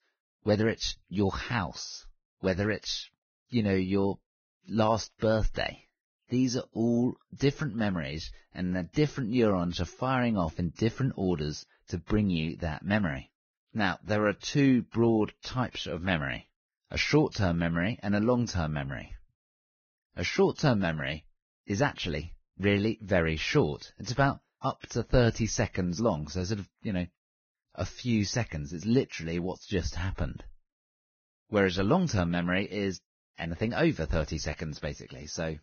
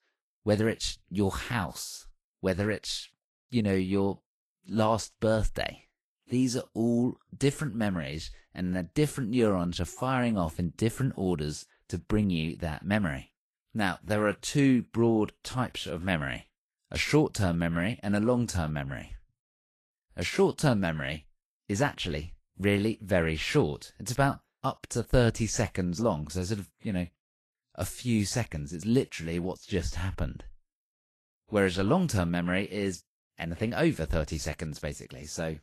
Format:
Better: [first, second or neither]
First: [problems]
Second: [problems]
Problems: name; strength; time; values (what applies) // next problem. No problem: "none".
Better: second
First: garbled, watery; badly; nothing above 6.5 kHz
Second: garbled, watery; slightly; nothing above 12.5 kHz